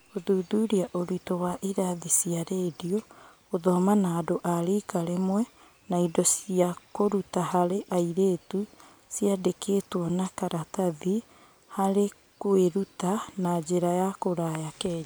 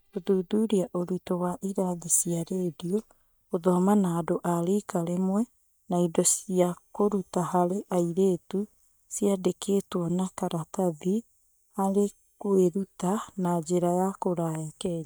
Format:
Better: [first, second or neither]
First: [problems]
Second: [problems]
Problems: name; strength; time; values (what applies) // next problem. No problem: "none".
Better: first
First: none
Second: noise reduction (neural mask model DeepFilterNet 3)